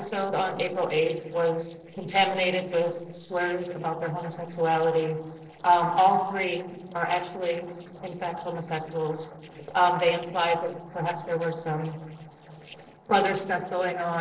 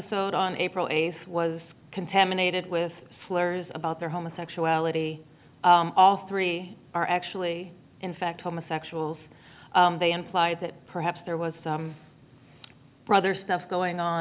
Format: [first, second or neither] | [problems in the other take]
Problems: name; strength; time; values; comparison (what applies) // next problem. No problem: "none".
second | noise reduction (neural separator model SepFormer DNS4)